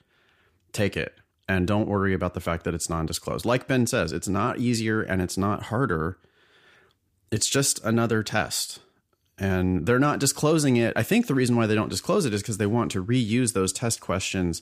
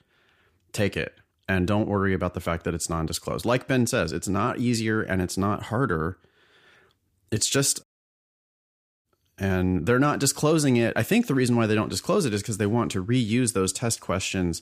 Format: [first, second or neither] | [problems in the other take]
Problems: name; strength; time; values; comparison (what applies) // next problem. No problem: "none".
first | audio cutting out; at 8 s for 1 s